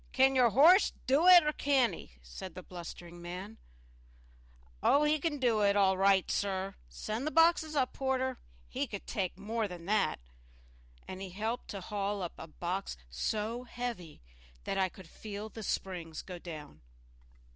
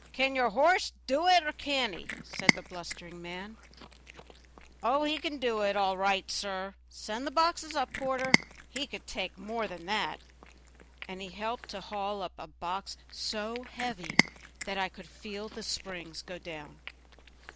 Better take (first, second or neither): first